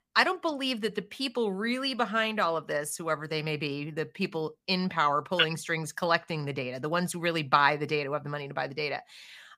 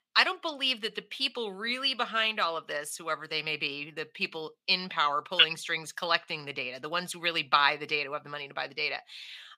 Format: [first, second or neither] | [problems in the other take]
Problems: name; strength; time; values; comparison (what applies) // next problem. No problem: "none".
first | thin; somewhat; fading below 400 Hz